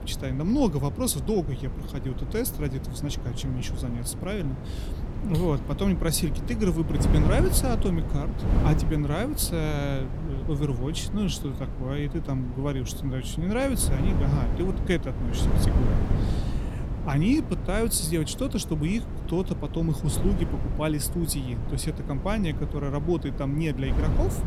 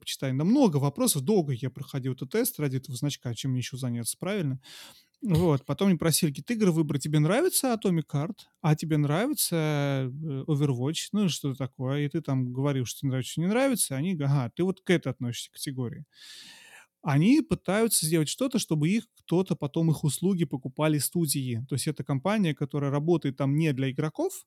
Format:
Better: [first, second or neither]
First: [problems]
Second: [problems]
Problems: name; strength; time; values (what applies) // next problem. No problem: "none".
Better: second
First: wind noise on the microphone; heavy; 8 dB below the speech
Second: none